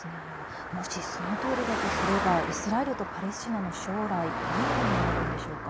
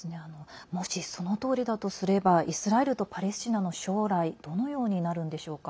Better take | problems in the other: second | background sound (Car passing by); 1 dB above the speech

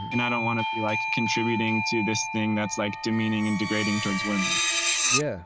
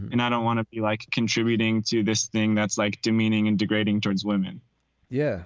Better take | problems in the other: second | background sound (Doorbell + Screech); 1 dB below the speech

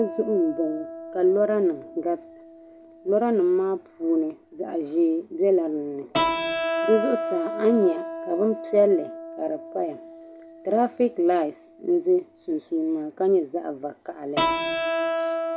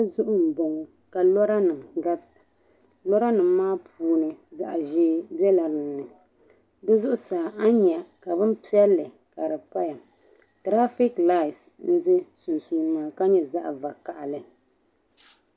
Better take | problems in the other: second | background sound (Keyboard (musical)); 7 dB below the speech

